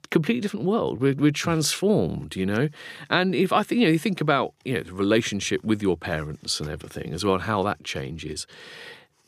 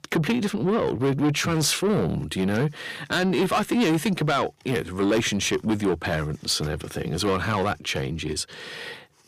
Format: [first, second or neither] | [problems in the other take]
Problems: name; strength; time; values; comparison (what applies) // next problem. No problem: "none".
first | distortion; heavy; 7 dB below the speech